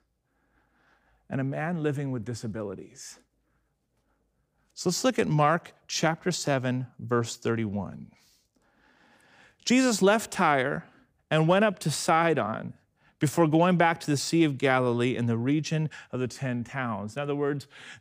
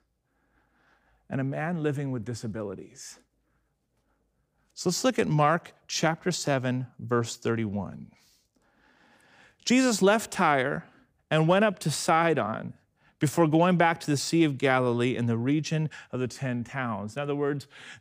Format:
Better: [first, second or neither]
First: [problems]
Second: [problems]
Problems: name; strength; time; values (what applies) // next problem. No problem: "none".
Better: neither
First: none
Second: none